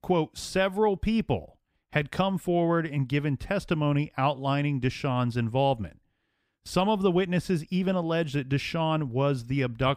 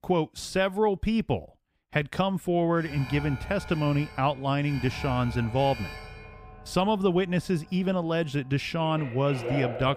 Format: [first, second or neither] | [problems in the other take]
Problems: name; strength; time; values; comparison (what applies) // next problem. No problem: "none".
first | alarms or sirens; noticeable; from 2.5 s on; 10 dB below the speech